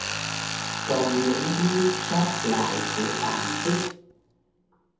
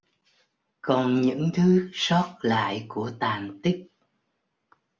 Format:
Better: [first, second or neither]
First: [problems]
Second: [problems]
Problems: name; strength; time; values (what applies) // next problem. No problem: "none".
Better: second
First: background sound (Tools); 3 dB below the speech // room echo; dies away in 0.7 s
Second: none